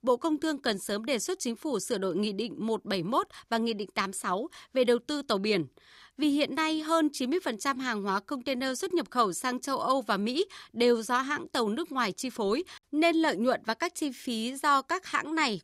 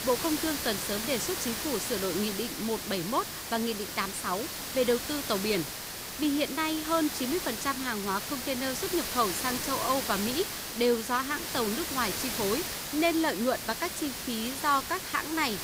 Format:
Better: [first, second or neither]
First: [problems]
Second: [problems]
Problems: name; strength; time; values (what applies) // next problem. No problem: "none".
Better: first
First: none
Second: hiss; loud; throughout; 3 dB below the speech